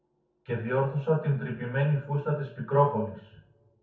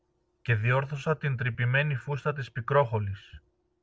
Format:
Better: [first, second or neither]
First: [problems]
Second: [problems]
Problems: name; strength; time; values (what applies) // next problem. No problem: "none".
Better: second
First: room echo; dies away in 0.5 s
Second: none